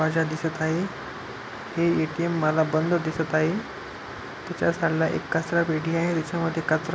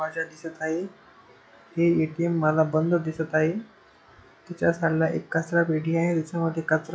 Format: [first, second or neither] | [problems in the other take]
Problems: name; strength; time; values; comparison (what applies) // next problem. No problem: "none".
first | noise reduction (classical method log-MMSE)